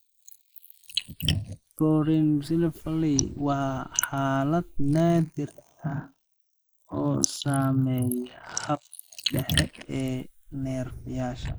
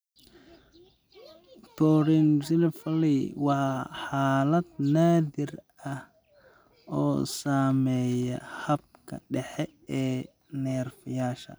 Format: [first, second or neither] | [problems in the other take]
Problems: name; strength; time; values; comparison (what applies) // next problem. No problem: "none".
second | noise reduction (neural mask model Resemble Enhance denoiser)